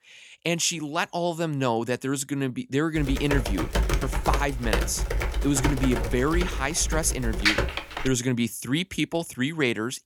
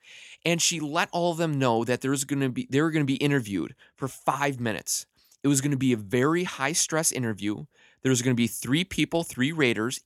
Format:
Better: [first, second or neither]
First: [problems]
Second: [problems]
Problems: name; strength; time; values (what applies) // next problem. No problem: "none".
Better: second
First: keyboard typing; loud; from 3 to 8 s; peak 4 dB above the speech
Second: none